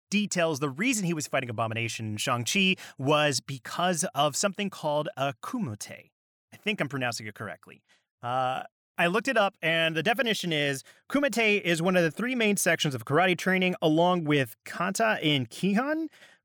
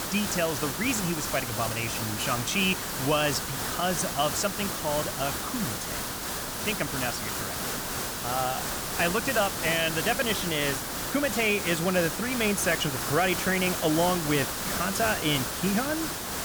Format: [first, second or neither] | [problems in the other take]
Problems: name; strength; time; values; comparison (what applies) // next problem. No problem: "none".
first | hiss; loud; throughout; 2 dB below the speech